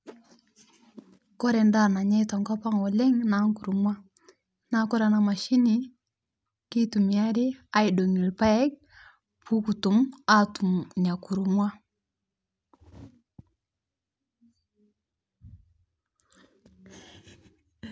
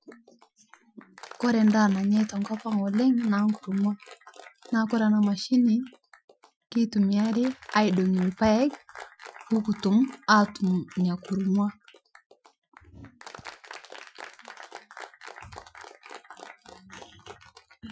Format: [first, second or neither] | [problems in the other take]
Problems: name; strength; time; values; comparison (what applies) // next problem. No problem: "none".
first | noise reduction (classical method Wiener filter)